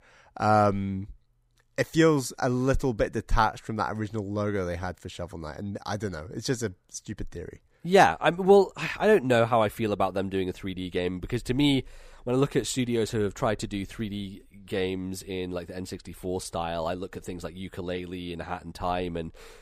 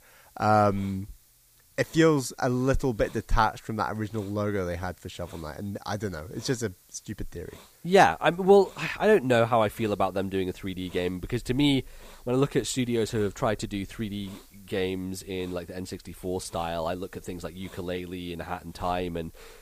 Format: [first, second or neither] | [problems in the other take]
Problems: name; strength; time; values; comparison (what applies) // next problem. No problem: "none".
first | hiss; faint; throughout; 25 dB below the speech